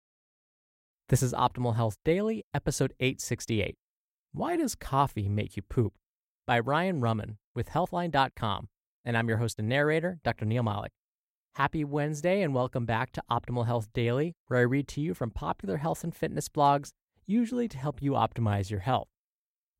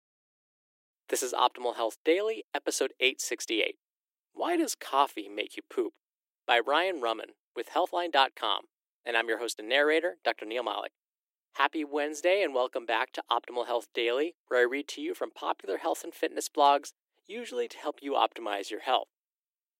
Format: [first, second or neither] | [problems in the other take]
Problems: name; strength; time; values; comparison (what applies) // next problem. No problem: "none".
first | thin; very; fading below 300 Hz